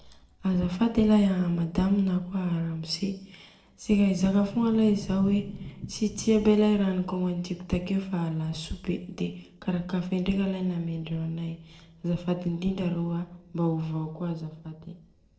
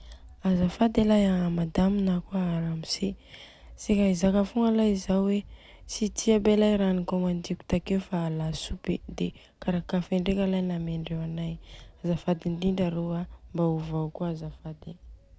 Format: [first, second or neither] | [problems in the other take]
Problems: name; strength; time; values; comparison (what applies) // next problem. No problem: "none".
second | noise reduction (neural separator model SepFormer DNS4)